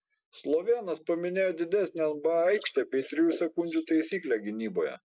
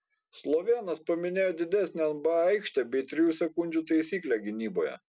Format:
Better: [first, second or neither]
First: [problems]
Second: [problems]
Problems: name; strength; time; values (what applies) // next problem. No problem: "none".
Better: second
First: noise reduction (neural mask model Resemble Enhance denoiser)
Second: none